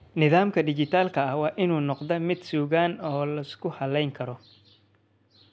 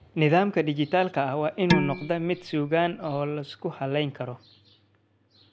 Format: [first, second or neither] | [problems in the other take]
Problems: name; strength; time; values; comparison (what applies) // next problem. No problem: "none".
first | background sound (Dishes, pots, and pans); 3 dB below the speech